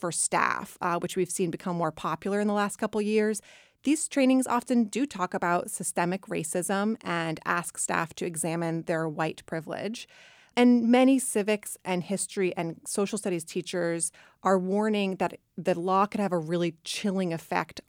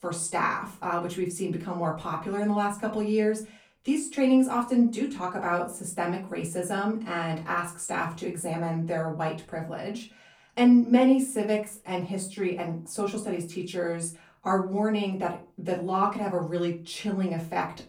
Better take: first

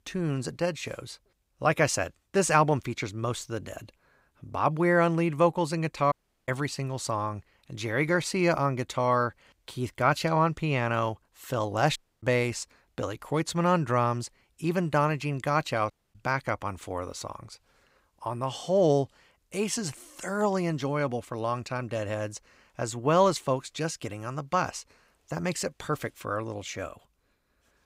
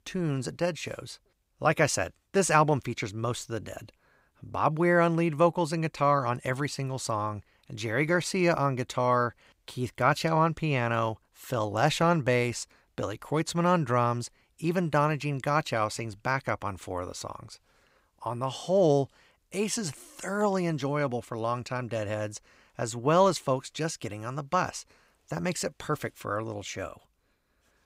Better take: second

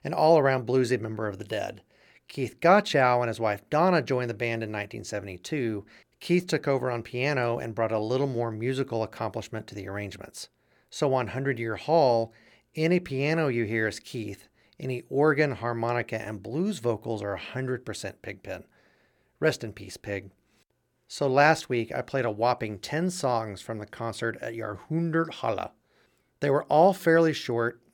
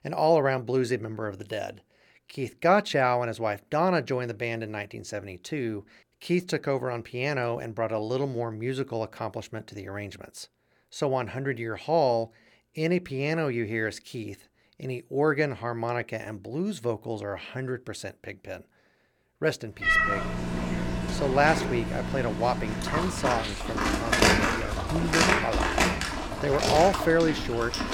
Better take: first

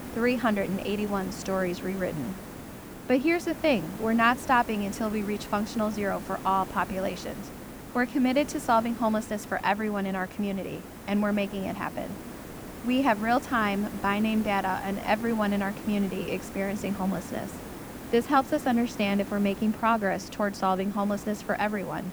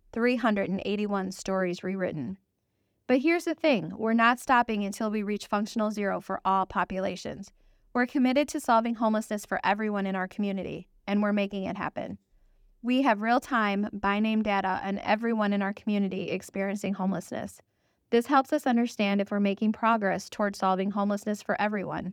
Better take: second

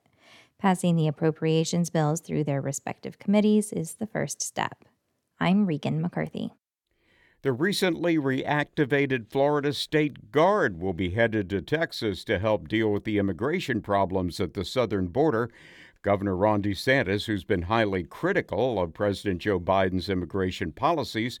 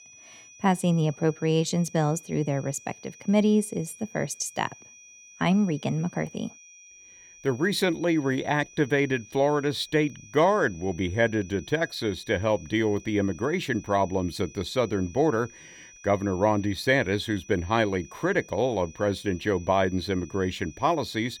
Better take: first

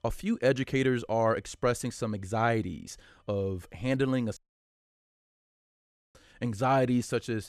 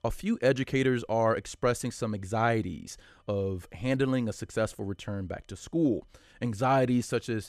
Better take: second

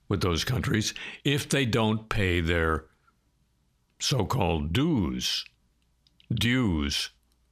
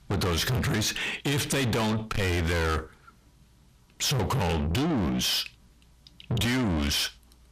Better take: first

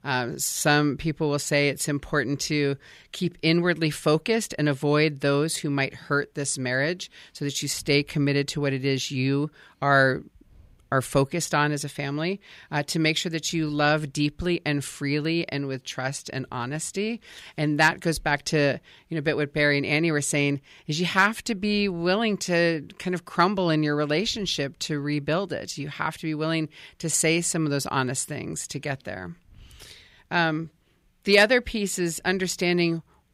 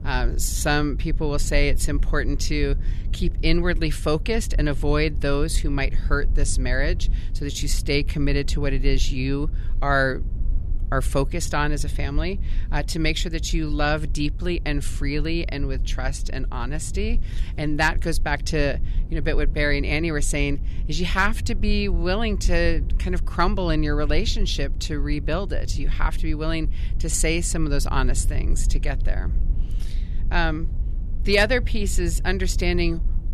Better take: first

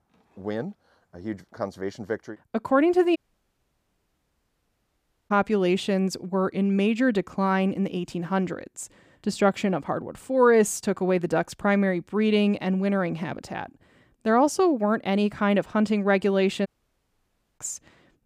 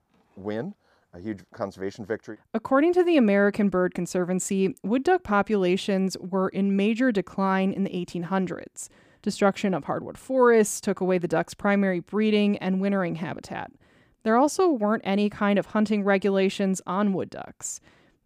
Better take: second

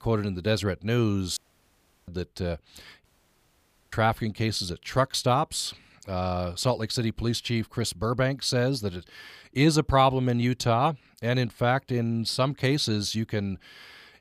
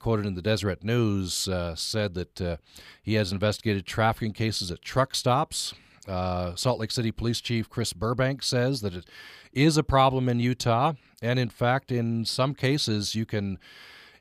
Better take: second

